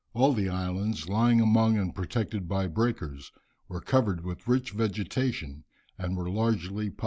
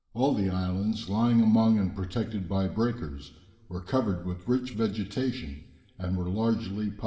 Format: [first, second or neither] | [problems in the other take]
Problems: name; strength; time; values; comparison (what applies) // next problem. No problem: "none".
first | room echo; dies away in 1.8 s